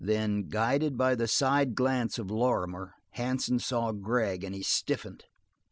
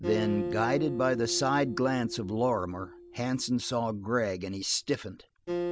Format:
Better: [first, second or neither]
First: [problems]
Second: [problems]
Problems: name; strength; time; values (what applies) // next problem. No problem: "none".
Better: first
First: none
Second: background sound (Acoustic guitar); 7 dB below the speech